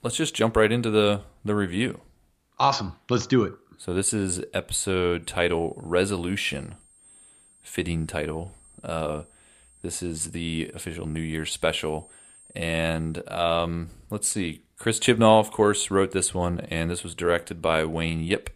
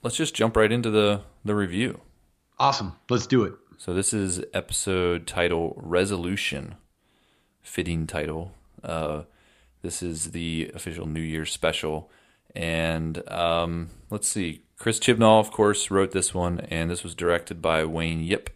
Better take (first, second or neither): second